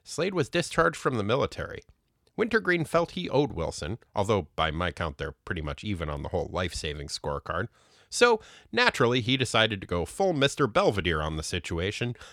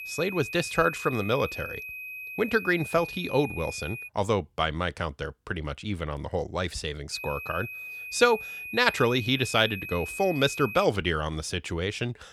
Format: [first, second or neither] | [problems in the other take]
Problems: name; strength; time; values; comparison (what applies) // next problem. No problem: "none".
first | high-pitched whine; loud; until 4 s and from 7 to 11 s; 2.5 kHz, 9 dB below the speech